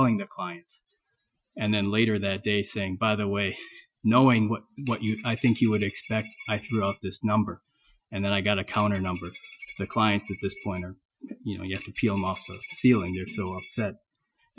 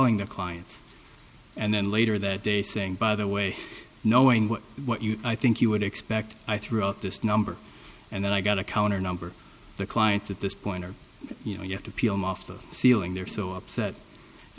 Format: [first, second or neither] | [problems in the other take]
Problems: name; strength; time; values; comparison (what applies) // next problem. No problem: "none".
second | noise reduction (classical method Wiener filter)